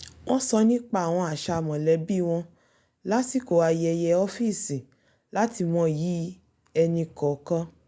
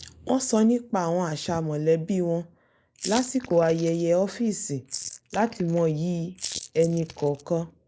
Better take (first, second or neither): first